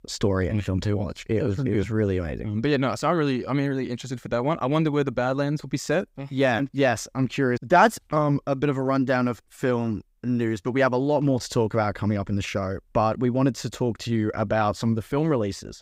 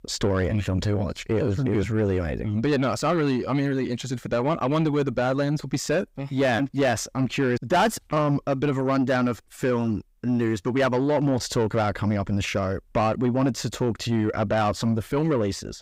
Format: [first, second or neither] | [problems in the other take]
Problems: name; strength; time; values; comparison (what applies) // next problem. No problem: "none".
first | distortion; slight; 10 dB below the speech